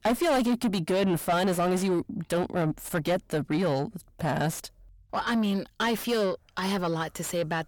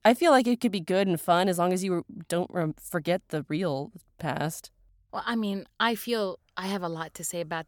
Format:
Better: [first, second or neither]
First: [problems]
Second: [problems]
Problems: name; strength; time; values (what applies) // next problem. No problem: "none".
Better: second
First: distortion; heavy; 5 dB below the speech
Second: none